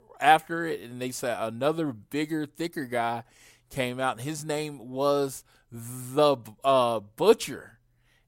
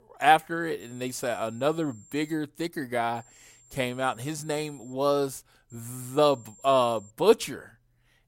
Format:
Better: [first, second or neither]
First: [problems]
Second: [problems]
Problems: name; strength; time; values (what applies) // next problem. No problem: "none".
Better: first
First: none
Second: high-pitched whine; faint; from 1 to 2.5 s, from 3 to 5 s and from 5.5 to 7 s; 7.5 kHz, 25 dB below the speech